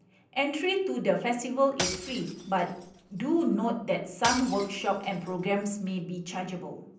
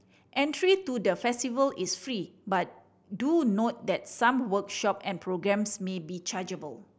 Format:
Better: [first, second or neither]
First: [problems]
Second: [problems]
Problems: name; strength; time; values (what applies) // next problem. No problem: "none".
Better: second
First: background sound (Shatter / Crushing); 11 dB below the speech // room echo; dies away in 0.6 s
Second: none